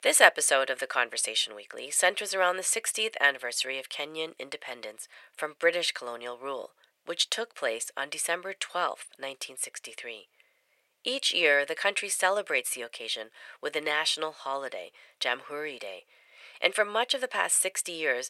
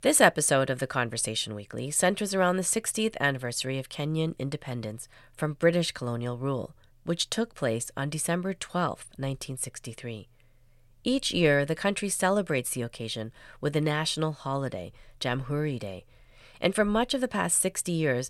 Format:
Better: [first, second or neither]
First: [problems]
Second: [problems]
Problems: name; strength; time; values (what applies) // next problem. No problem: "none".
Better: second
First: thin; very; fading below 500 Hz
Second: none